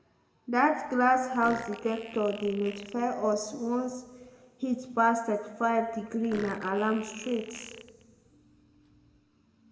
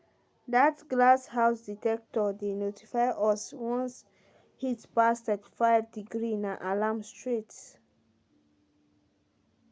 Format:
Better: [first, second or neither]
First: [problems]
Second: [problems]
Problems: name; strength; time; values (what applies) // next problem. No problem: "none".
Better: second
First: background sound (Fart); 18 dB below the speech // room echo; dies away in 1.2 s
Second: none